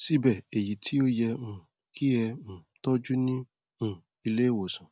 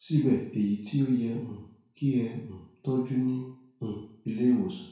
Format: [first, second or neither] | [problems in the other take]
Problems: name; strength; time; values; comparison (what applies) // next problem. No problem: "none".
first | room echo; dies away in 0.6 s